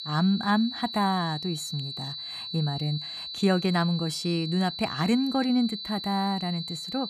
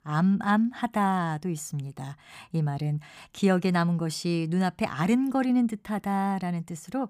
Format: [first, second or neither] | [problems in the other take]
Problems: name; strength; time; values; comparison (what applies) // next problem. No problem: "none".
second | high-pitched whine; loud; throughout; 4 kHz, 7 dB below the speech